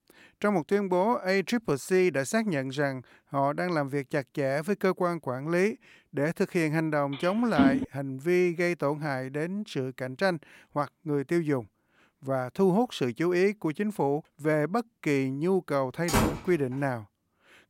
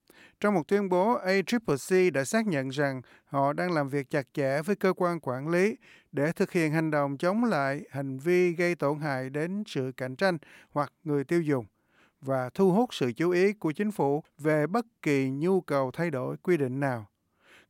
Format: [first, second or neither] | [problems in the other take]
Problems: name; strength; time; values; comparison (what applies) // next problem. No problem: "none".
second | phone ringing; loud; at 7.5 s; peak 3 dB above the speech // door banging; loud; at 16 s; peak 1 dB above the speech